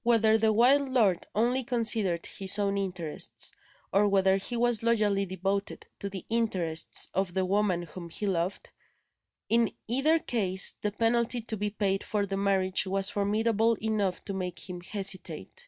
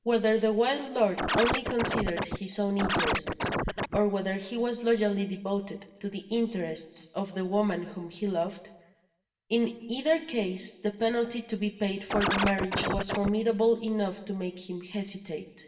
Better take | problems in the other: first | background sound (Scratching (performance technique)); as loud as the speech // room echo; dies away in 1 s

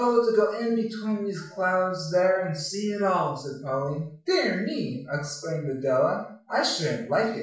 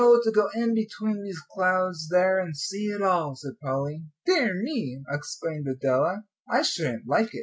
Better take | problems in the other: second | room echo; dies away in 0.5 s

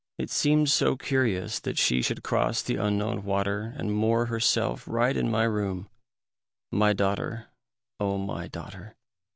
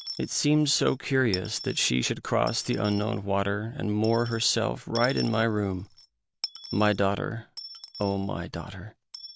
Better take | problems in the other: first | background sound (Coin (dropping) / Dishes, pots, and pans); 16 dB below the speech

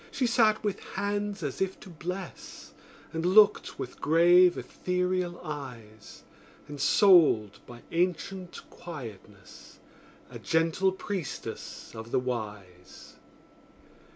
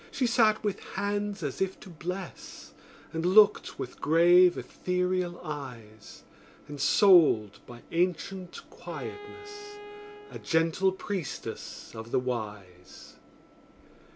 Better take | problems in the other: first | background sound (Bowed string instrument); 16 dB below the speech

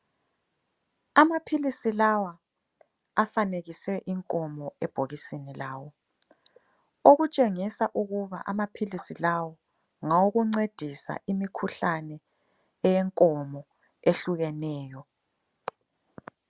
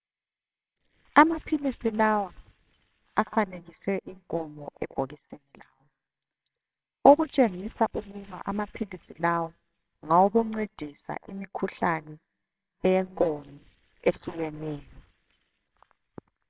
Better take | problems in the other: first | noise reduction (neural separator model SepFormer WHAMR!)

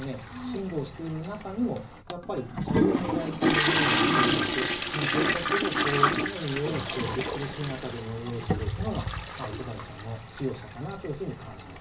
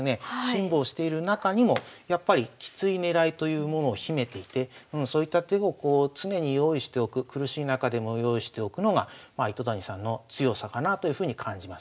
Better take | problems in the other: second | background sound (Toilet flush); 5 dB above the speech // room echo; dies away in 0.5 s

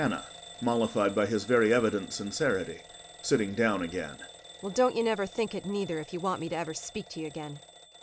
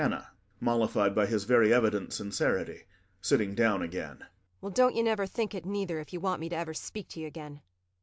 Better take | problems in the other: second | background sound (Alarm / Bell); 18 dB below the speech

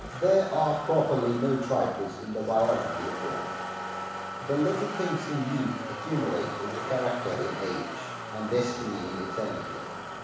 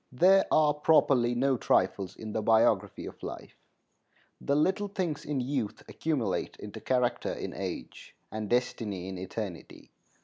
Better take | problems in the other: second | background sound (Motor vehicle (road)); 7 dB below the speech // room echo; dies away in 1.1 s

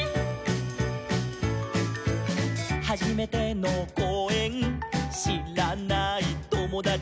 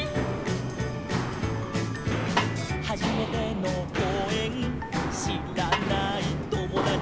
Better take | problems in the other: first | background sound (Walk, footsteps + Snare drum); 2 dB below the speech

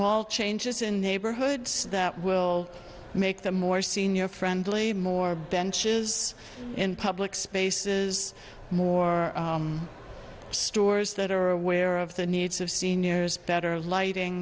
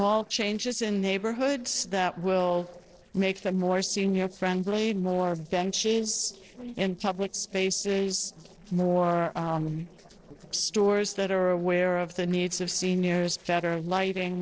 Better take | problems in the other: first | noise reduction (neural separator model SepFormer DNS4)

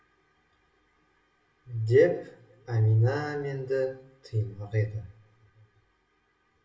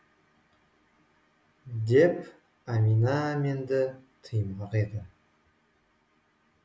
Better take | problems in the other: second | room echo; dies away in 0.8 s

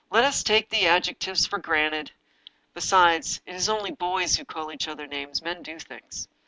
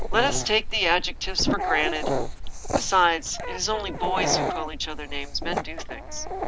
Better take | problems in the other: first | background sound (Dog); 1 dB below the speech

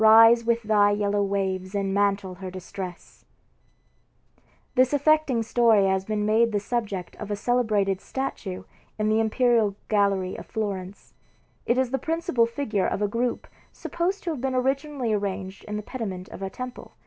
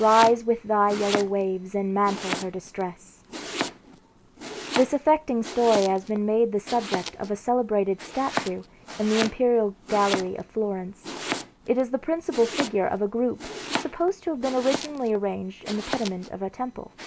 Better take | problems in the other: first | background sound (Domestic sounds, home sounds); 10 dB below the speech

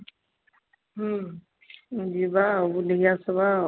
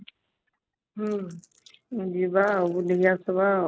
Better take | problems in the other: first | noise reduction (neural mask model RNNoise)

